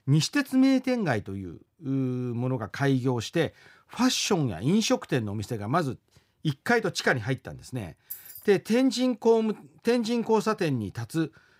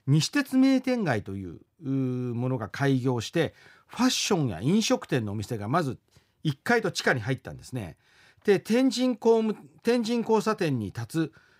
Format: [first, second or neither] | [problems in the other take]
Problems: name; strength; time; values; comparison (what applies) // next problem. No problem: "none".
second | jangling keys; faint; at 8 s; peak 15 dB below the speech